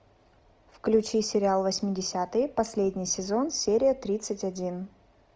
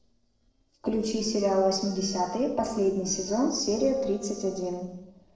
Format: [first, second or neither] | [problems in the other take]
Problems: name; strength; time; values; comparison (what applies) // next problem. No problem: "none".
first | noise reduction (neural separator model SepFormer DNS4)